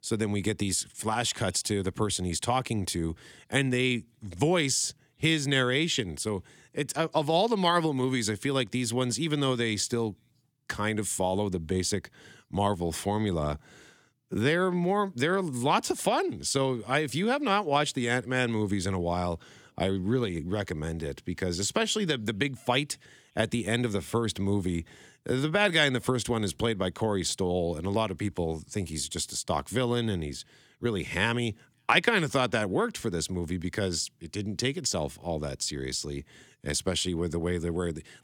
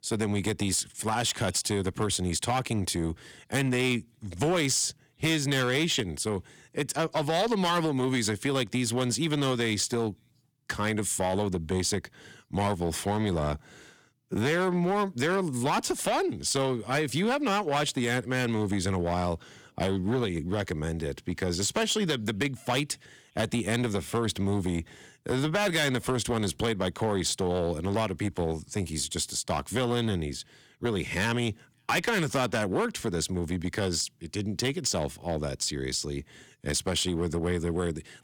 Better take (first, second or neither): first